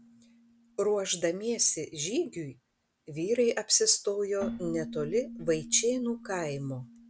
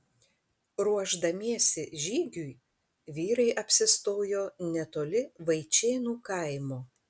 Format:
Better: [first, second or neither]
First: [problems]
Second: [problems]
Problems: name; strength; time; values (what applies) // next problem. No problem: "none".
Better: second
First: background sound (Keyboard (musical)); 15 dB below the speech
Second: none